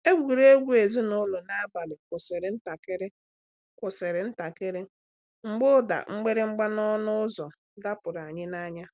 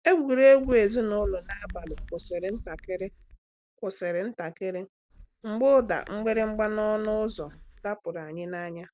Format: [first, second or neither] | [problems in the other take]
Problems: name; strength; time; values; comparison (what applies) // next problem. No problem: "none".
first | noise reduction (neural mask model DeepFilterNet 3)